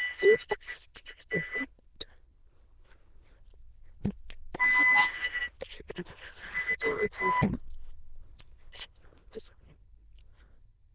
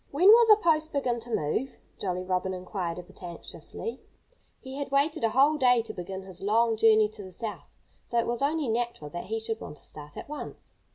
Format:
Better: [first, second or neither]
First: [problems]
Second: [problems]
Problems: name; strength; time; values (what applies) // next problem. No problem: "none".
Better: second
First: noise reduction (neural diffusion model UNIVERSE++)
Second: none